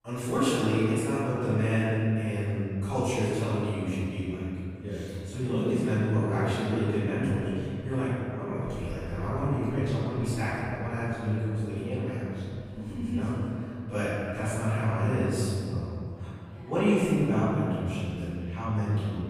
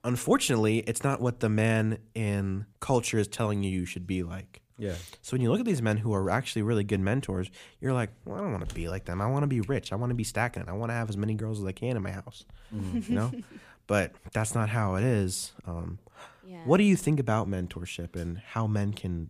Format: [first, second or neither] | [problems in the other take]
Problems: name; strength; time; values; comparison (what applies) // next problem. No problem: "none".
second | off-mic speech; far // room echo; strong; dies away in 2.4 s